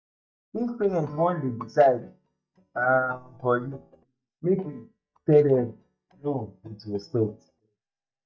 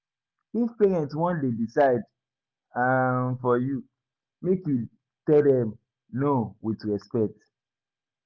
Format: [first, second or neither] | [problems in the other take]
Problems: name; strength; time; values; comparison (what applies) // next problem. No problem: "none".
second | noise reduction (neural mask model DeepFilterNet 3)